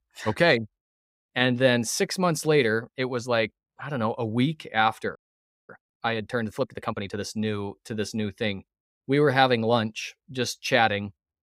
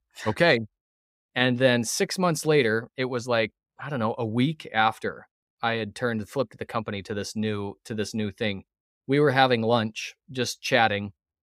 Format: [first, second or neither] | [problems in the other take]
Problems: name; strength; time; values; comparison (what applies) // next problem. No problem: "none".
second | audio freezing; at 5 s for 0.5 s